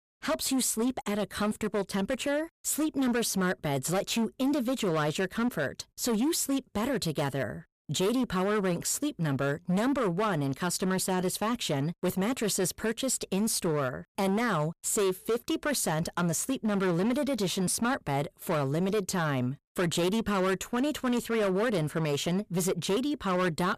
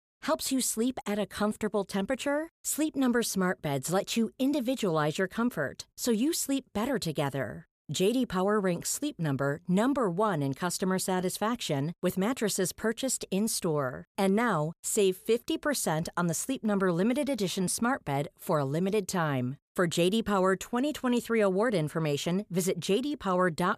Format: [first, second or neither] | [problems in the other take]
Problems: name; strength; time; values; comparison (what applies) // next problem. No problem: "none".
second | distortion; slight; 15% of the sound clipped